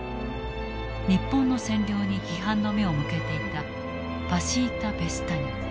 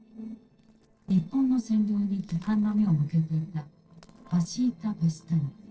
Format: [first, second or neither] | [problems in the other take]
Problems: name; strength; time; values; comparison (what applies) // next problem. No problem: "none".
first | noise reduction (neural separator model SepFormer DNS4)